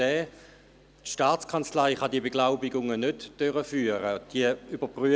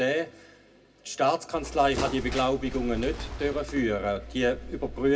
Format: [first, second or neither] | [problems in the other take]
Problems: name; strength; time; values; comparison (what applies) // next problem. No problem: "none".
first | background sound (Bird); 9 dB below the speech // room echo; dies away in 0.2 s